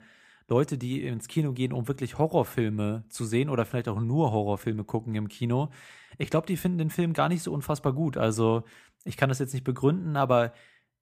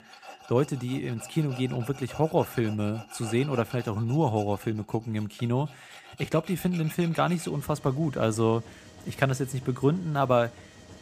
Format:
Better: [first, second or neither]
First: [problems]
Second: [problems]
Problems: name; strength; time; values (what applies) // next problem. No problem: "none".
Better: first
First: none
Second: machinery noise; noticeable; throughout; 20 dB below the speech